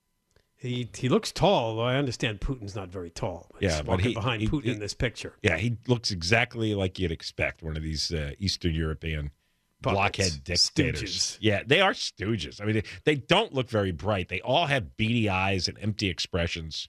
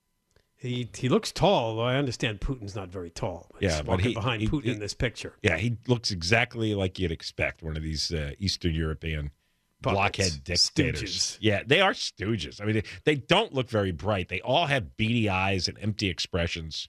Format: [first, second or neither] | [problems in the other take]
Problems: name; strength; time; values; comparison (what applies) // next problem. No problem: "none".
neither | none